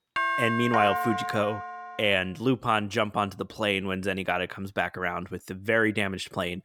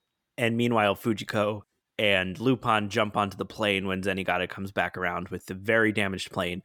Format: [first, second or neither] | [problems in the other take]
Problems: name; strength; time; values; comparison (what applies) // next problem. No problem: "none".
second | doorbell; loud; until 2 s; peak 1 dB above the speech